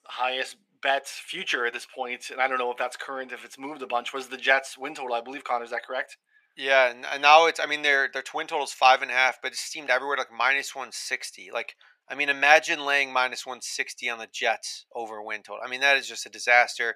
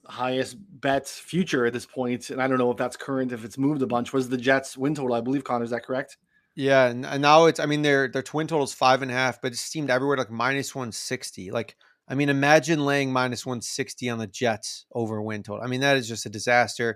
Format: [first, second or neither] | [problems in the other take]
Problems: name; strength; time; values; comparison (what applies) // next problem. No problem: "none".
second | thin; very; fading below 650 Hz